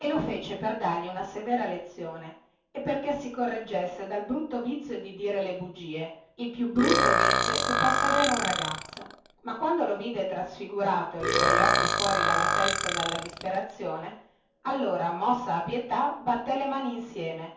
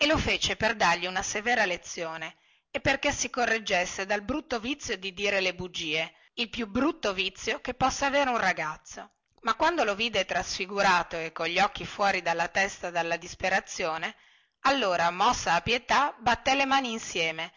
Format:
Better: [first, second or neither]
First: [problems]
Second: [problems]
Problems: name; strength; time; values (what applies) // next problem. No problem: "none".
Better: second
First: background sound (Burping, eructation); 4 dB above the speech // room echo; dies away in 0.6 s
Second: none